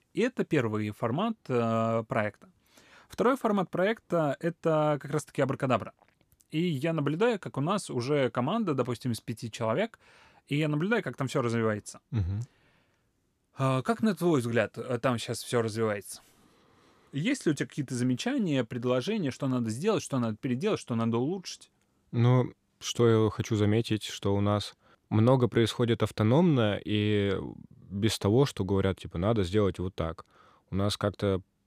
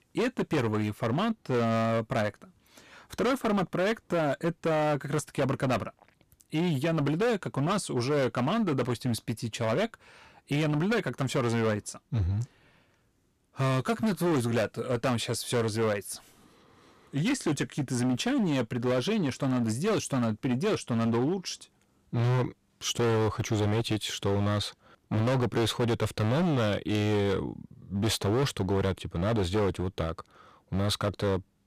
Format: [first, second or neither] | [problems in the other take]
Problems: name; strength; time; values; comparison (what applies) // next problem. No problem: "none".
first | distortion; heavy; 17% of the sound clipped